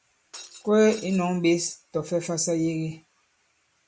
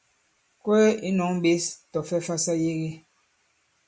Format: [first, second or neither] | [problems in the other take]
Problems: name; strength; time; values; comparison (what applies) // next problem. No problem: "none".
second | background sound (Shatter); 18 dB below the speech